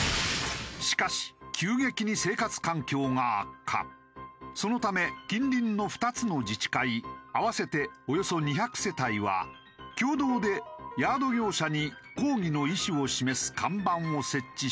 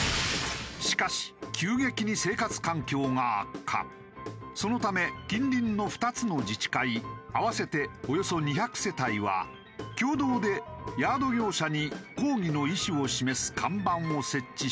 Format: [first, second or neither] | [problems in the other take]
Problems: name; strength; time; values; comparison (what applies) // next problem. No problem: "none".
first | background sound (Guitar / Drum); 14 dB below the speech